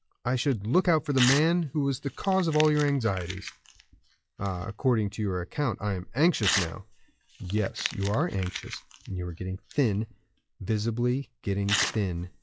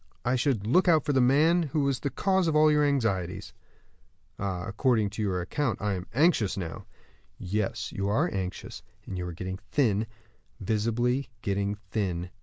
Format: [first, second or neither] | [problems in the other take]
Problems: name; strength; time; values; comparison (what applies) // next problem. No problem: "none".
second | noise reduction (classical method log-MMSE)